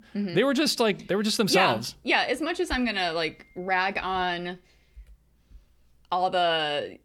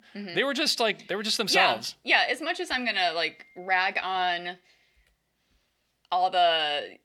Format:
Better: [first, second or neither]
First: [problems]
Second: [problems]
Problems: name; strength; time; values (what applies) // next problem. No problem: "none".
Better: first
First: none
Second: thin; somewhat; fading below 350 Hz